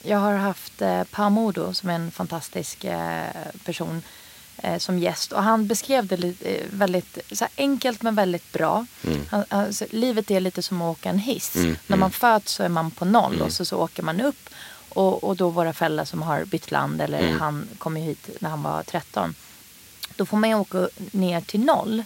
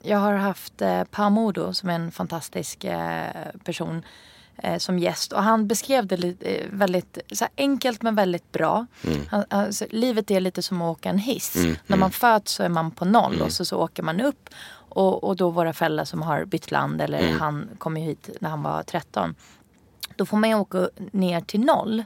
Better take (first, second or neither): second